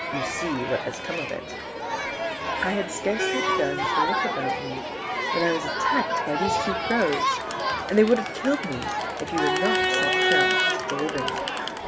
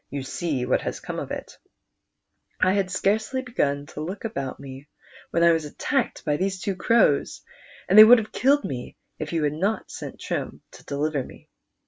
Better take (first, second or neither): second